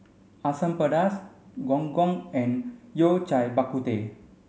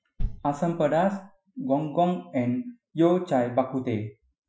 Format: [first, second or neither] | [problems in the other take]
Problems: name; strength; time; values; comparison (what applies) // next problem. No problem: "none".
first | noise reduction (classical method Wiener filter)